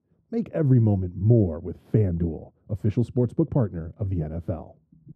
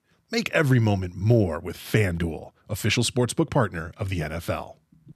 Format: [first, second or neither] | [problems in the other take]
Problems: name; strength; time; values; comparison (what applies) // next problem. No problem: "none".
second | muffled; very; fading above 1 kHz